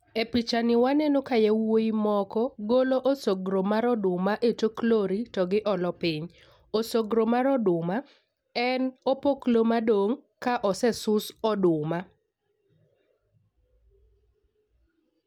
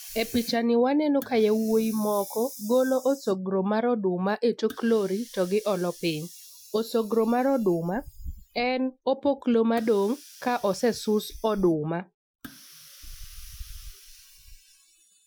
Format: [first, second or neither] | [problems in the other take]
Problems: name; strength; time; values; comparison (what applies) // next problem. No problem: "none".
first | noise reduction (classical method Wiener filter)